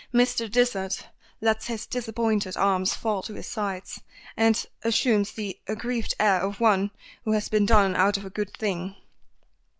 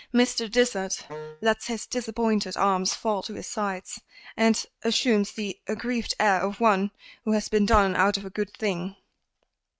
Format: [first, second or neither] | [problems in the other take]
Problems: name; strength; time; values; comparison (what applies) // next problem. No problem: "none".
first | noise reduction (neural mask model RNNoise)